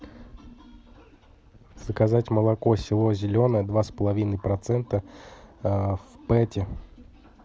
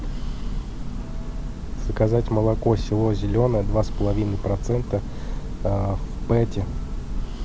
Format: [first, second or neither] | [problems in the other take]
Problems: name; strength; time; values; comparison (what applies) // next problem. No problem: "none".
first | background sound (Church bell); 3 dB below the speech